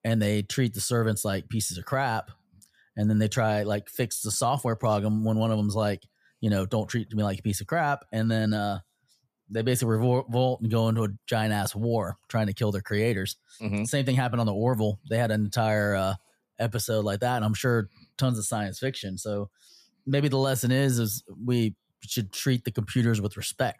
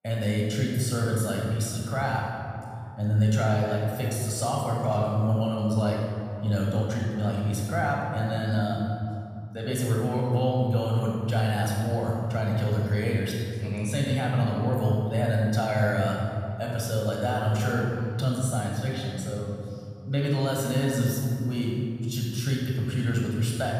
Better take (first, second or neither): first